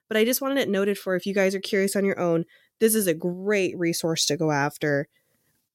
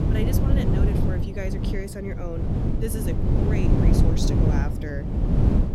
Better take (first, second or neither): first